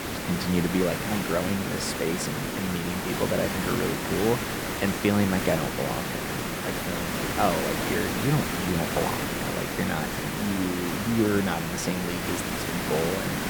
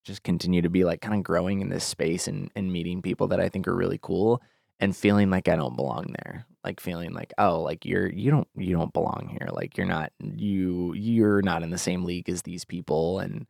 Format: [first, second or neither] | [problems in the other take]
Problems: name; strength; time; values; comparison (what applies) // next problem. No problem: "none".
second | hiss; loud; throughout; 1 dB below the speech